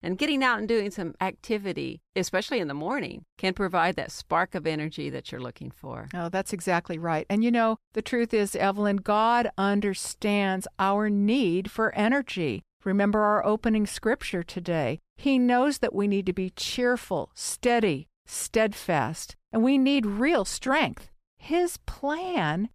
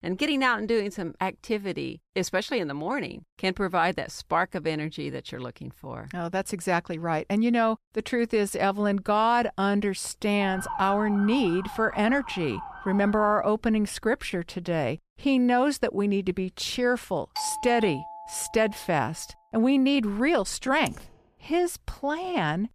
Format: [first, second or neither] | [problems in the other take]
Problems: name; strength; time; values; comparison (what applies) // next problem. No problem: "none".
first | siren; noticeable; from 10 to 13 s; peak 8 dB below the speech // doorbell; noticeable; from 17 to 19 s; peak 7 dB below the speech // keyboard typing; faint; at 21 s; peak 15 dB below the speech